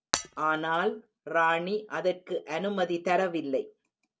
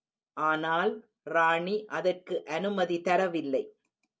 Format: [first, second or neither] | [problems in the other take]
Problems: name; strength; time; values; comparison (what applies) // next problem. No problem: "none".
second | background sound (Shatter); 8 dB below the speech